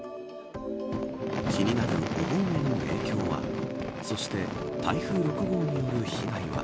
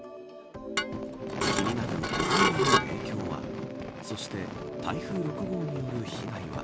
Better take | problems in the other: first | background sound (Dishes, pots, and pans / Glass); 5 dB above the speech

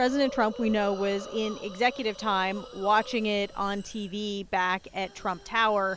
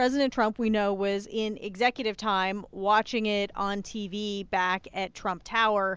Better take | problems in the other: second | background sound (Hiss); 16 dB below the speech

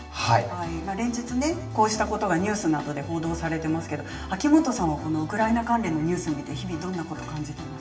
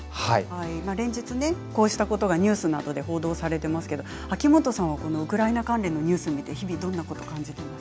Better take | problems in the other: second | room echo; dies away in 0.8 s

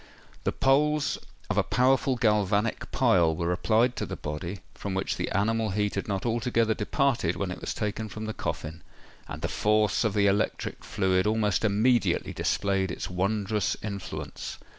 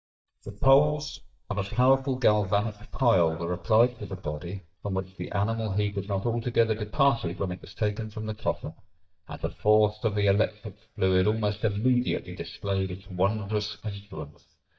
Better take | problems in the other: first | noise reduction (neural mask model DeepFilterNet 3)

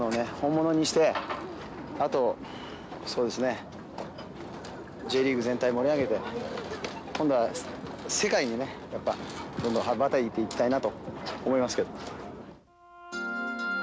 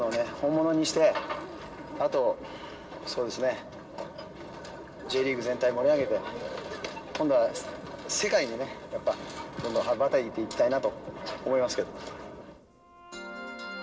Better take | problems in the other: first | room echo; dies away in 2.9 s

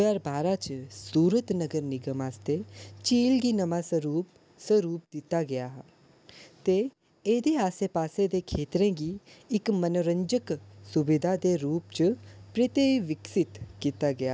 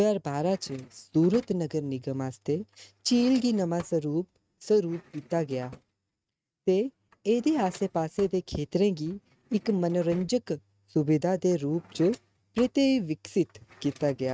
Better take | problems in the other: first | noise reduction (neural mask model RNNoise)

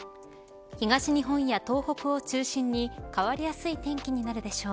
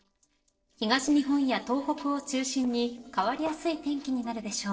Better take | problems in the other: first | noise reduction (neural separator model SepFormer DNS4)

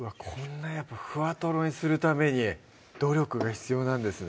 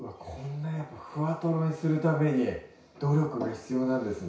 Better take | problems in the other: first | room echo; dies away in 0.6 s

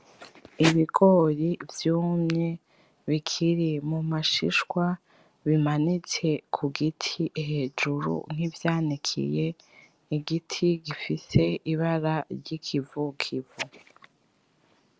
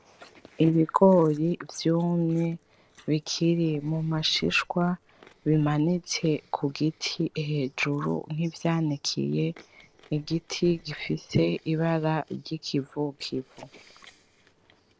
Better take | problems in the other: first | noise reduction (neural separator model SepFormer DNS4)

